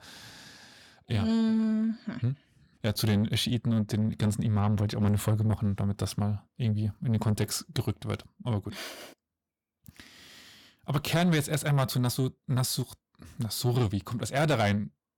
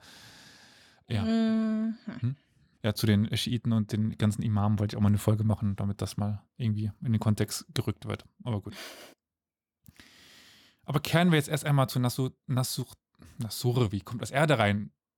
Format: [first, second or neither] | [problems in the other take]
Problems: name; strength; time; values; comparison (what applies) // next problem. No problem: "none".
second | distortion; slight; 10 dB below the speech